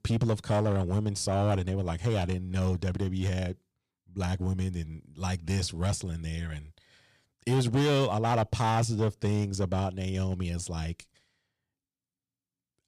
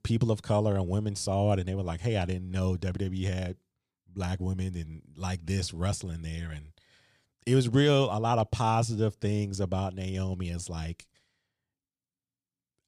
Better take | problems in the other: second | distortion; slight; 5% of the sound clipped

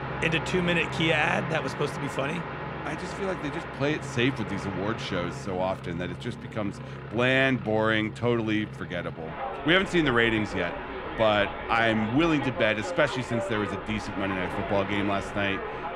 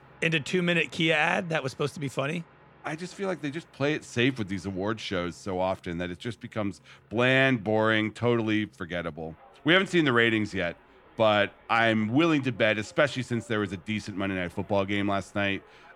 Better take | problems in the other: second | train or aircraft noise; loud; throughout; 8 dB below the speech; faint in the second

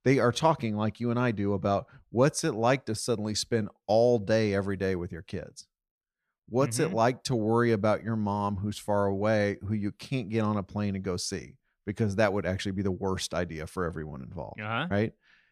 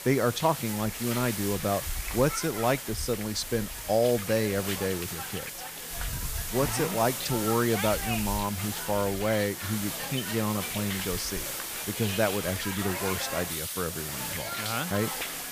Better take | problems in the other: first | hiss; loud; throughout; 3 dB below the speech

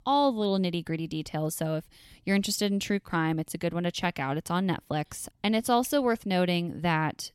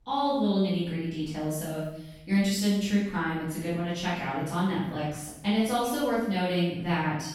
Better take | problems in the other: first | off-mic speech; far // room echo; strong; dies away in 0.7 s

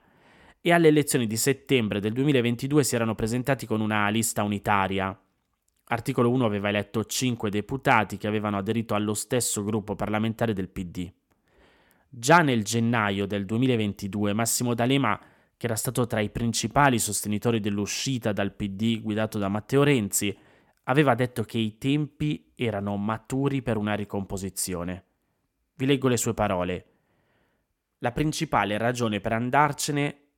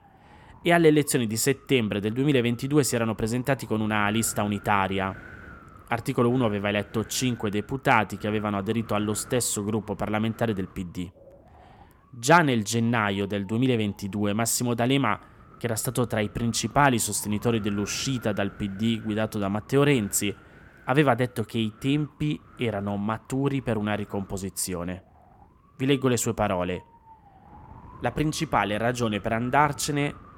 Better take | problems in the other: first | wind noise on the microphone; occasional gusts; 20 dB below the speech

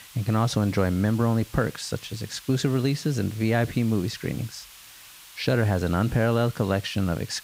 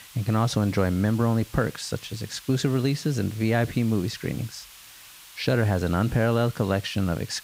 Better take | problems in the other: neither | hiss; noticeable; throughout; 20 dB below the speech; the same in both

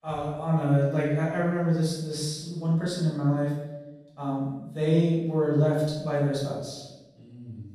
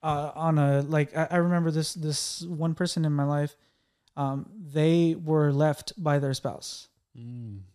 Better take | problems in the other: second | off-mic speech; far // room echo; noticeable; dies away in 0.9 s

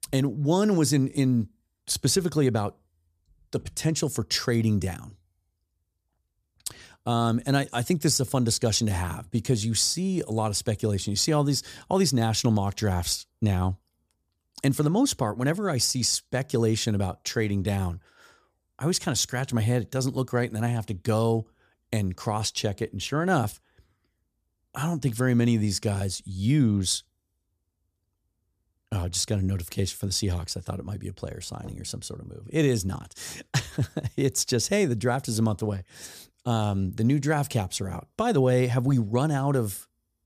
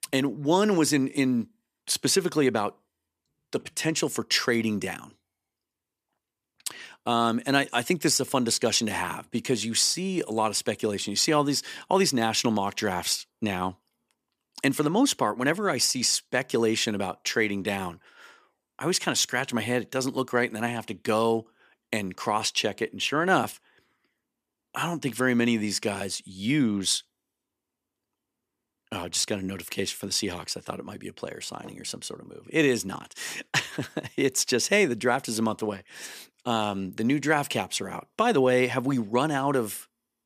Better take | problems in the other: first | thin; very slightly; fading below 250 Hz

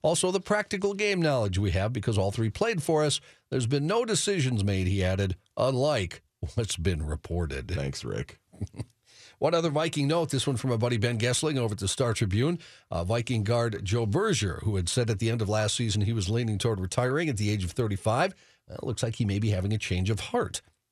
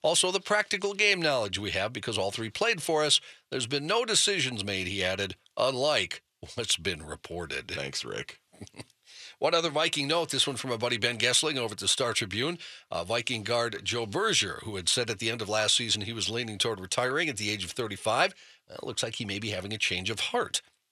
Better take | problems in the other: first | thin; somewhat; fading below 600 Hz

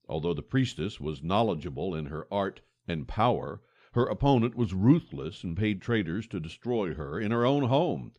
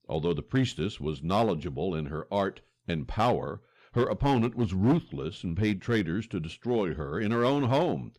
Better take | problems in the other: first | distortion; slight; 4% of the sound clipped

